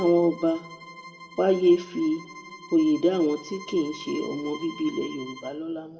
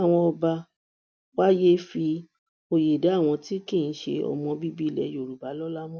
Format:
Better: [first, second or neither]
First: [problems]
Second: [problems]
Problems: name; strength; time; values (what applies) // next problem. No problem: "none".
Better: second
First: background sound (Bowed string instrument); 18 dB below the speech // room echo; dies away in 1.7 s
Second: none